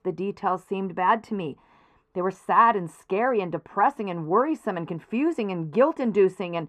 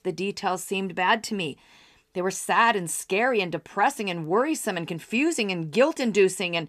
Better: second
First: muffled; very; fading above 2.5 kHz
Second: none

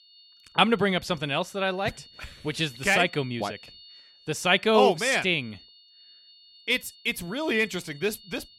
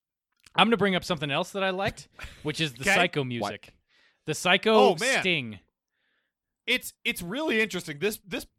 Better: second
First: high-pitched whine; faint; throughout; 4.5 kHz, 25 dB below the speech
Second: none

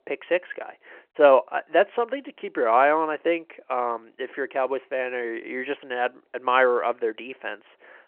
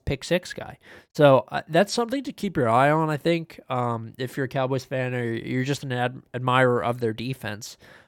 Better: second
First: phone-call audio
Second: none

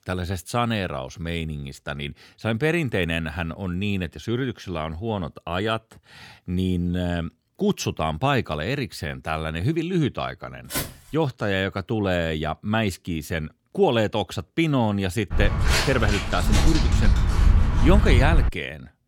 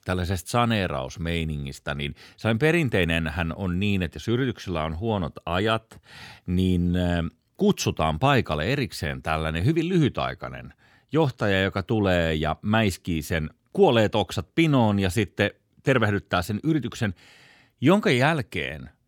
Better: second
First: footsteps; noticeable; at 11 s; peak 3 dB below the speech // footsteps; loud; from 15 to 19 s; peak 6 dB above the speech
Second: none

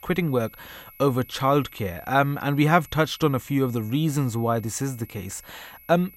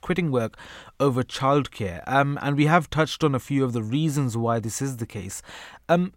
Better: second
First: high-pitched whine; faint; throughout; 12 kHz, 20 dB below the speech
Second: none

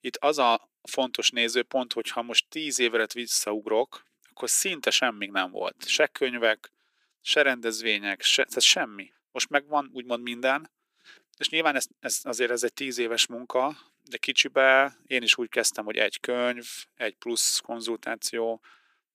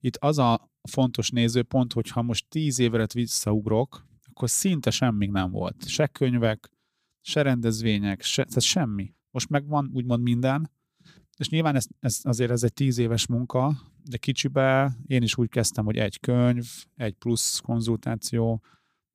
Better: second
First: thin; very; fading below 350 Hz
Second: none

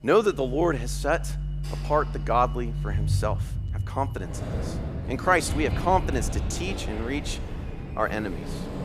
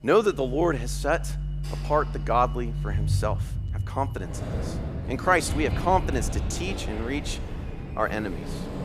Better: neither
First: household noises; loud; throughout; 5 dB below the speech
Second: household noises; loud; throughout; 5 dB below the speech

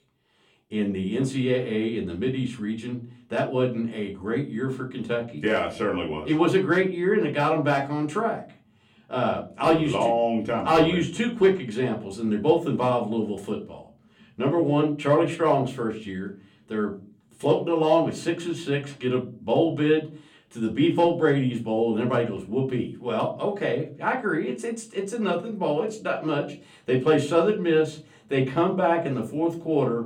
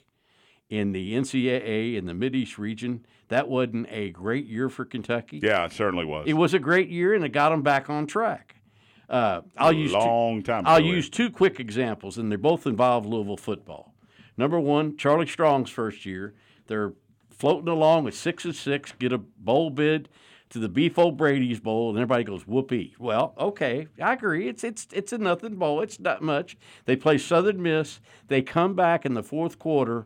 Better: second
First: off-mic speech; far // room echo; very slight; dies away in 0.3 s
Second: none

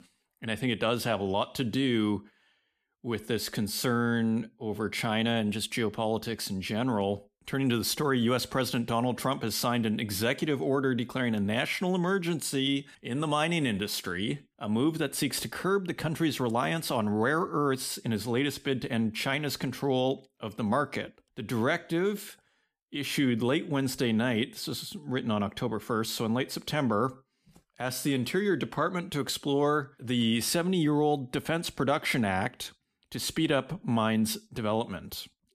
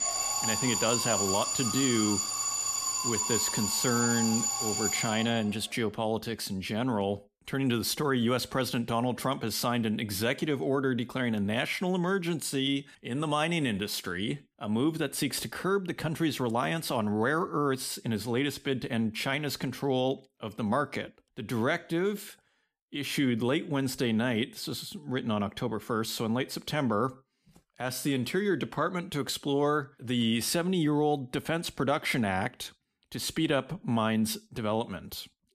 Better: first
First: none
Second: alarm; loud; until 5.5 s; peak 3 dB above the speech

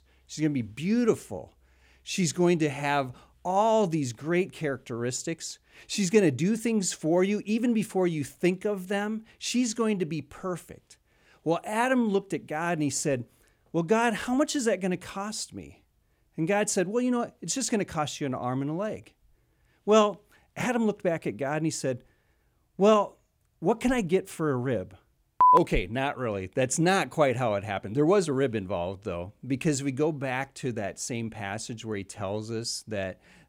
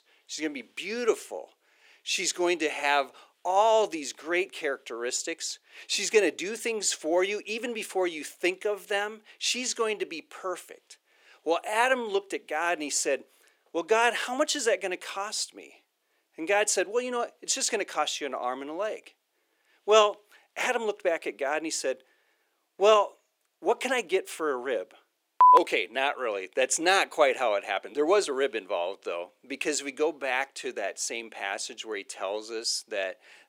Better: first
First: none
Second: thin; very; fading below 400 Hz

